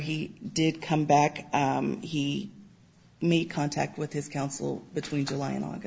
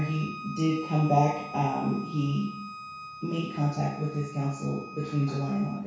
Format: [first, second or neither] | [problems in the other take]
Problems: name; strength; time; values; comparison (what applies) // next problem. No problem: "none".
first | background sound (Bowed string instrument); 14 dB below the speech // room echo; dies away in 0.6 s